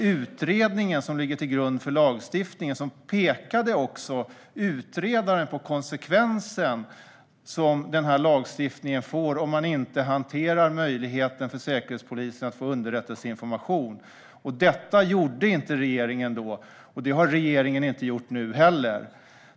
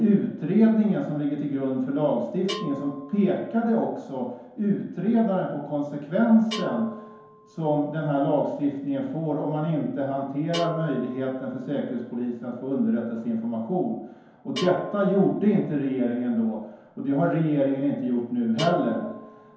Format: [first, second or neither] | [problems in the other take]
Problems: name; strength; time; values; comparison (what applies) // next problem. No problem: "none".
first | background sound (Bell); 19 dB below the speech // room echo; dies away in 0.9 s